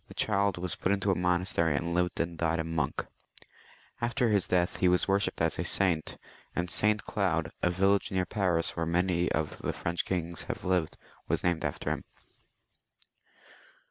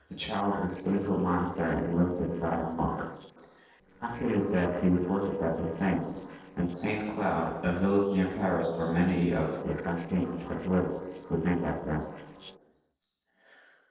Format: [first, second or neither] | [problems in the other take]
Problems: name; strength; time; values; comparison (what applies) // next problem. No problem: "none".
first | noise reduction (neural separator model SepFormer DNS4)